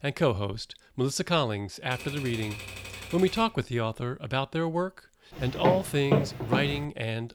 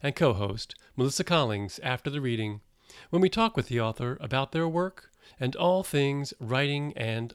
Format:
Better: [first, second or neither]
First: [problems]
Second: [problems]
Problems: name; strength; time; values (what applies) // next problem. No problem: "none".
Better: second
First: keyboard typing; noticeable; from 2 to 3.5 s; peak 9 dB below the speech // footsteps; loud; from 5.5 to 7 s; peak 2 dB above the speech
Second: none